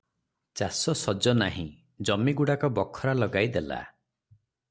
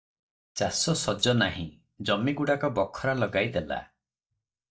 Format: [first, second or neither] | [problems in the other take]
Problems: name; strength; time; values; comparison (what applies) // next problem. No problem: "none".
first | noise reduction (neural mask model DeepFilterNet 3)